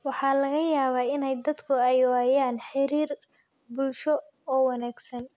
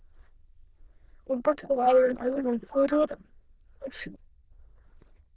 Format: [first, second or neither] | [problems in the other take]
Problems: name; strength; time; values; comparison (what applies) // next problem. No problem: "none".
first | noise reduction (neural diffusion model UNIVERSE++)